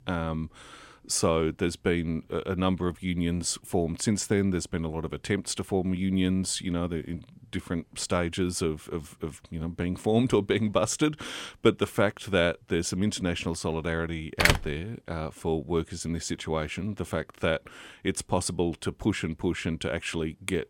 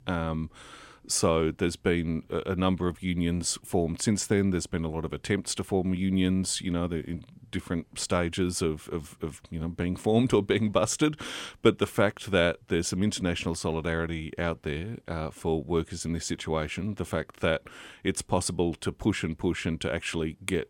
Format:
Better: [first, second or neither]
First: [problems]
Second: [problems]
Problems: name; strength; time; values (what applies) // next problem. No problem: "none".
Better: second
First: door banging; loud; at 14 s; peak 5 dB above the speech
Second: none